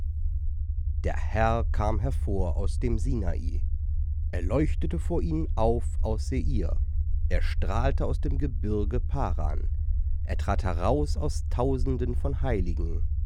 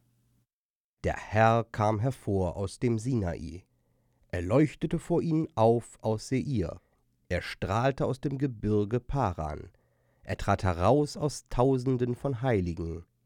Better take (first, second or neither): second